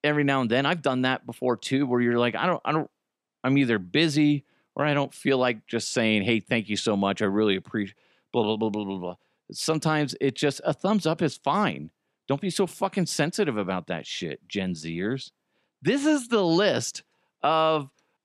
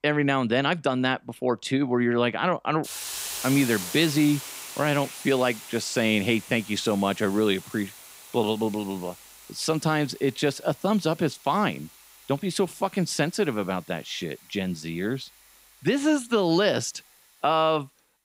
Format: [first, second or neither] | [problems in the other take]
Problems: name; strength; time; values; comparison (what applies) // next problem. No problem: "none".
first | hiss; noticeable; throughout; 15 dB below the speech